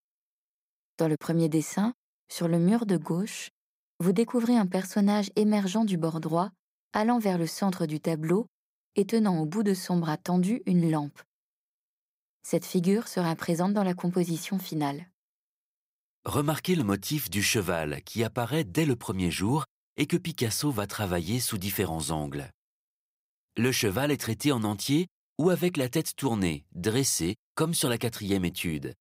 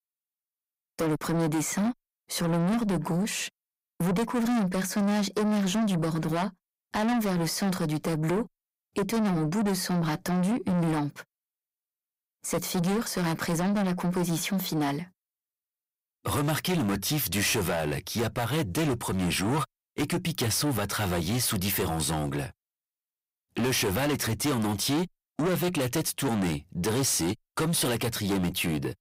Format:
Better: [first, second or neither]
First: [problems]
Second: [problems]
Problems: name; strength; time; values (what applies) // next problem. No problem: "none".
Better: first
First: none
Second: distortion; heavy; 6 dB below the speech